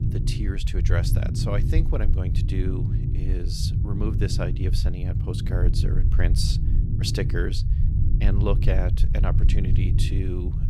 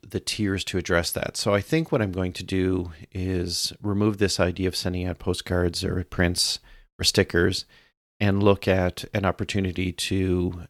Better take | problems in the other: second | low rumble; loud; throughout; 5 dB below the speech

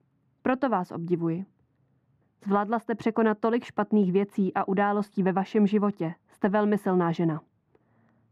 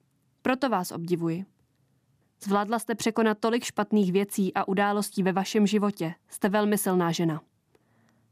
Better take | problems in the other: second | muffled; very; fading above 3.5 kHz

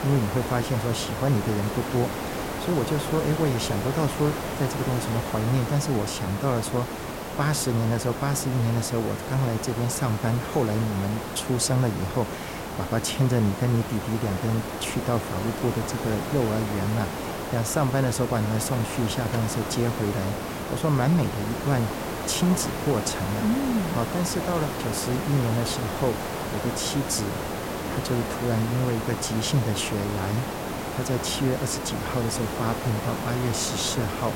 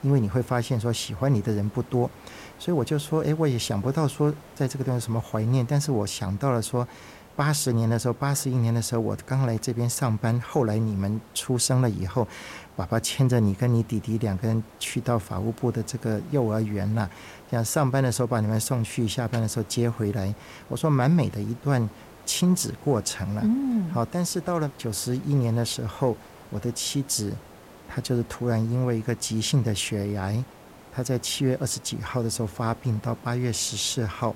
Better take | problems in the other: second | hiss; loud; throughout; 5 dB below the speech; faint in the second

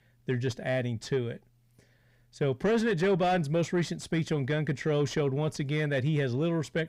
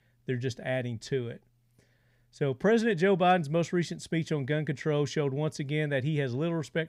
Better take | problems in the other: second | distortion; slight; 10 dB below the speech

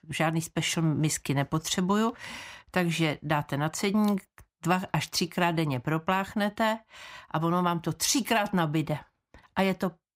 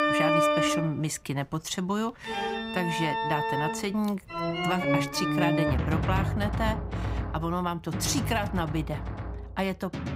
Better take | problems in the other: first | background music; very loud; throughout; 2 dB above the speech

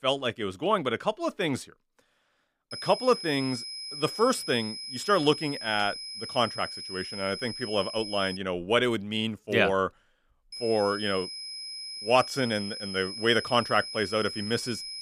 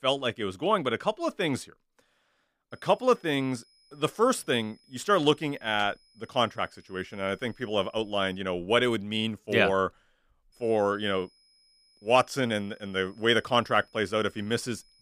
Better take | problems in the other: second | high-pitched whine; loud; from 2.5 to 8.5 s and from 11 s on; 5 kHz, 8 dB below the speech; faint in the second

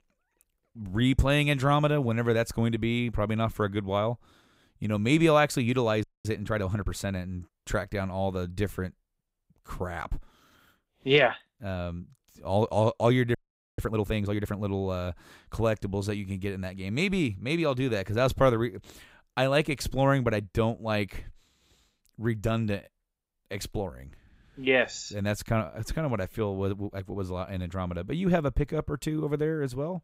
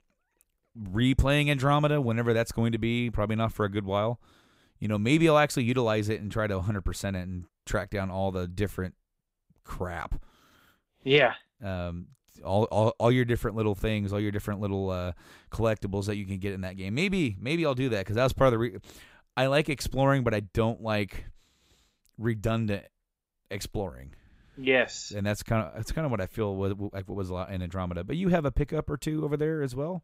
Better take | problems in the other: second | audio freezing; at 6 s and at 13 s

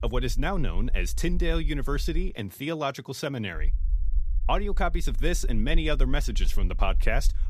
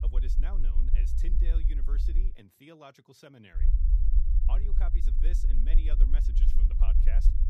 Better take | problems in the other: first | low rumble; loud; until 2.5 s and from 3.5 s on; 2 dB below the speech; faint in the first

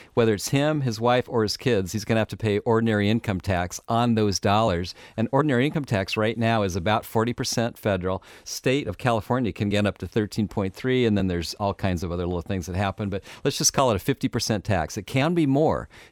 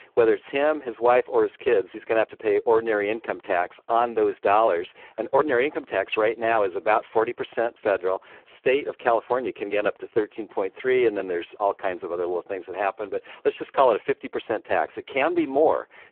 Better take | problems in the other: first | phone-call audio; poor line

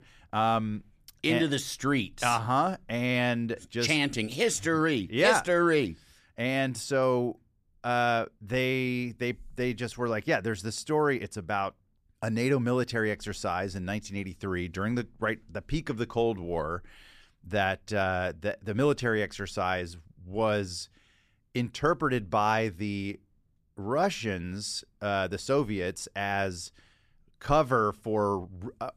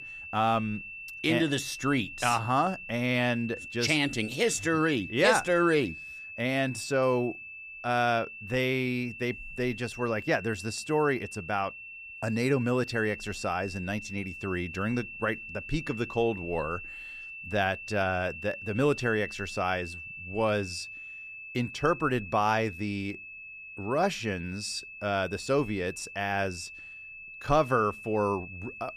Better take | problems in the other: first | high-pitched whine; noticeable; throughout; 2.5 kHz, 10 dB below the speech

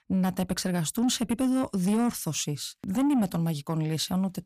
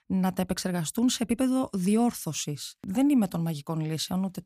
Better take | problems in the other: second | distortion; slight; 10 dB below the speech

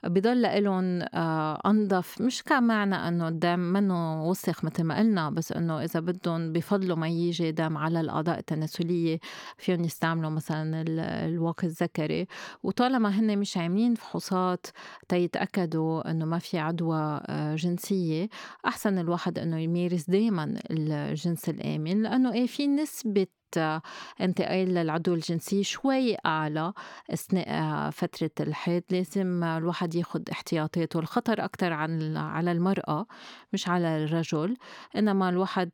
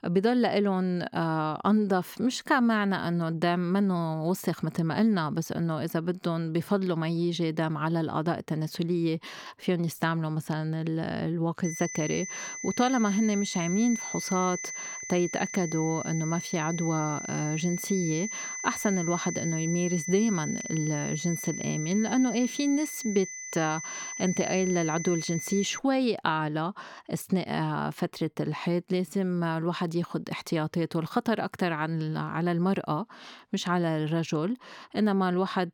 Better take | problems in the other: first | high-pitched whine; loud; from 12 to 26 s; 6 kHz, 7 dB below the speech

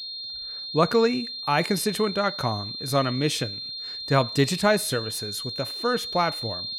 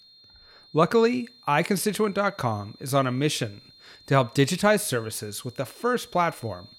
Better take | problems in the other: second | high-pitched whine; loud; throughout; 4 kHz, 7 dB below the speech; faint in the second

